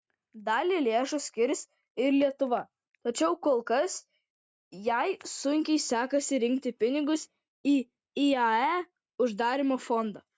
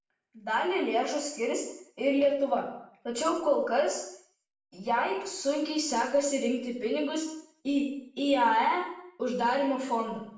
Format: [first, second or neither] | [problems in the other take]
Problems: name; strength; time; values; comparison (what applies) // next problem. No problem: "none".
first | room echo; dies away in 0.6 s